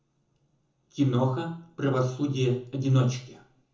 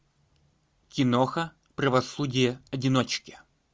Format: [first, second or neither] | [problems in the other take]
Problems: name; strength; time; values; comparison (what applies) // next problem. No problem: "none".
second | room echo; dies away in 0.6 s